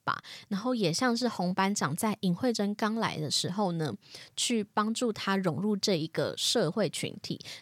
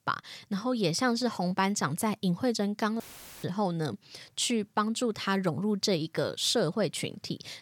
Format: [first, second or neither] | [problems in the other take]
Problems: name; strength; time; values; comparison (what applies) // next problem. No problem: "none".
first | audio cutting out; filled with static; at 3 s